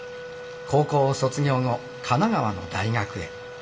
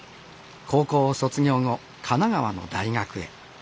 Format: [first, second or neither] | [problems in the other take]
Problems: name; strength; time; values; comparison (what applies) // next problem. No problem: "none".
second | background sound (Wind instrument, woodwind instrument); 14 dB below the speech // room echo; dies away in 1.9 s